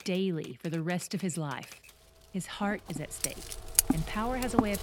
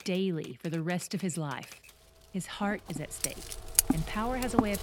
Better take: neither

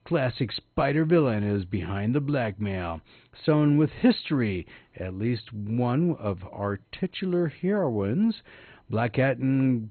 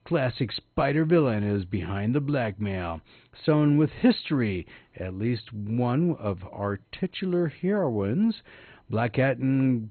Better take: neither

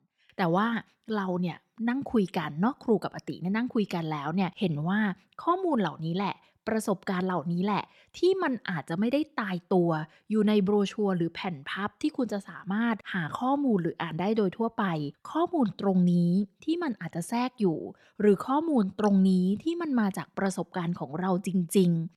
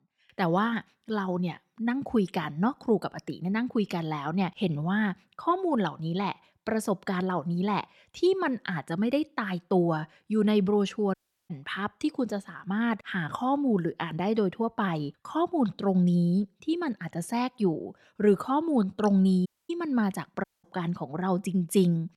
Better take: first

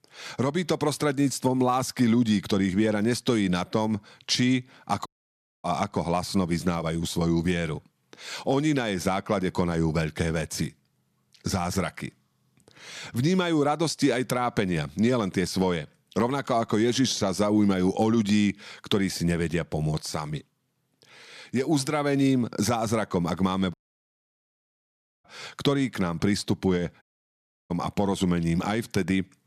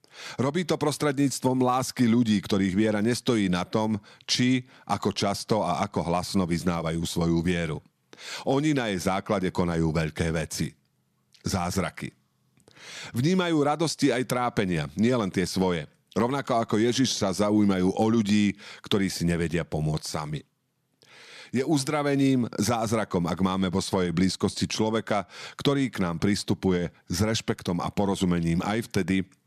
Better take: second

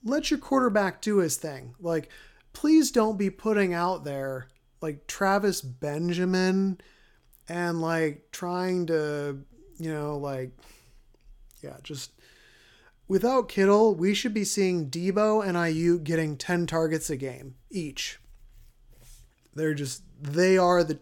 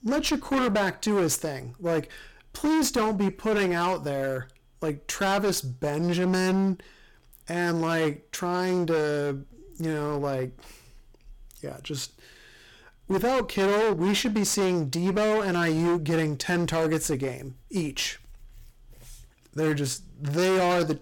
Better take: first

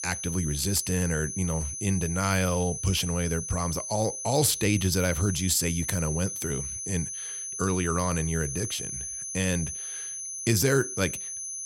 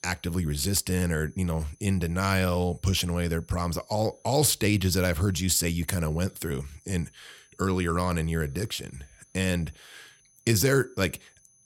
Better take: second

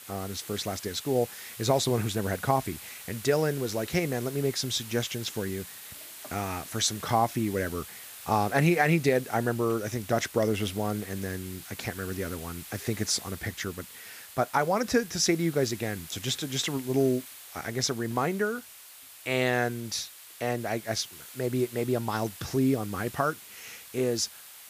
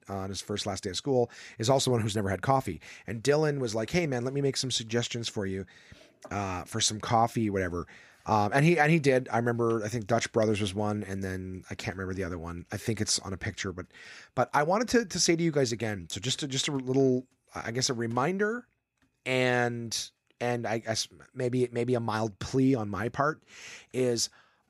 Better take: second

